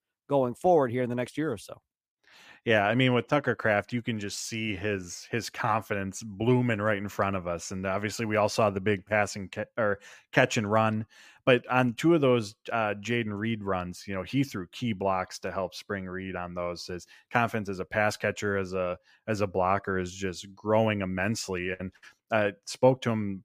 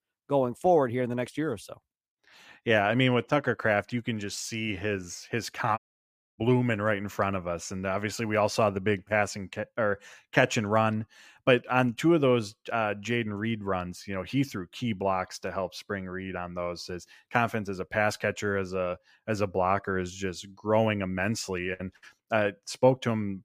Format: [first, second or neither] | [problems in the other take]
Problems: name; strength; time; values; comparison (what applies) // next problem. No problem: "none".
first | audio cutting out; at 6 s for 0.5 s